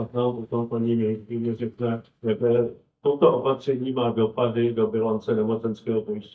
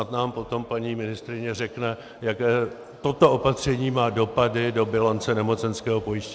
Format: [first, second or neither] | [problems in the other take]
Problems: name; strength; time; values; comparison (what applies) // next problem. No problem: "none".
second | noise reduction (neural mask model DeepFilterNet 3)